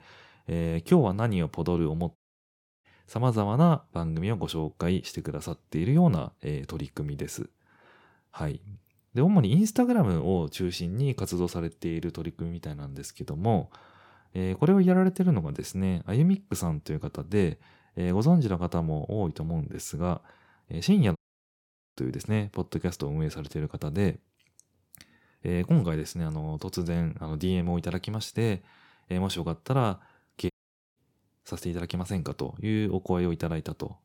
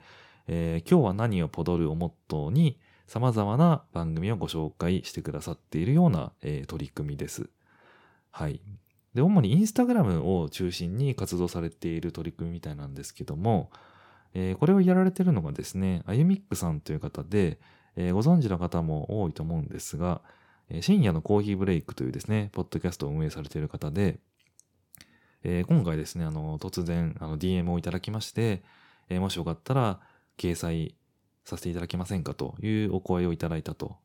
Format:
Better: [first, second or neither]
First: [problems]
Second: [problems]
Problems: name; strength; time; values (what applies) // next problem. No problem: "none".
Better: second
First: audio cutting out; at 2 s for 0.5 s, at 21 s for 1 s and at 31 s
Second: none